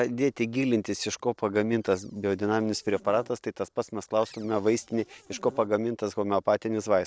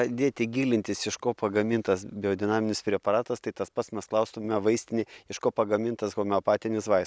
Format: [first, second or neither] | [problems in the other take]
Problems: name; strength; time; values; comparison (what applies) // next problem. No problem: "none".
second | noise reduction (neural separator model SepFormer DNS4)